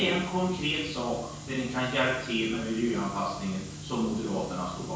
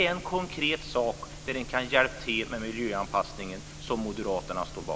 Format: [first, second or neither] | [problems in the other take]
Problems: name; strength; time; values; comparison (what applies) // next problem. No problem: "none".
second | room echo; dies away in 0.6 s